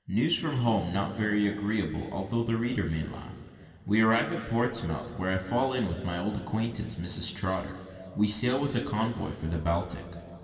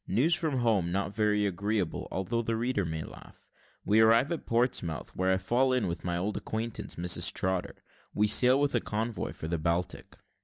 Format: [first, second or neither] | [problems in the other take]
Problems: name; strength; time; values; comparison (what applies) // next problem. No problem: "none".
second | room echo; dies away in 2.4 s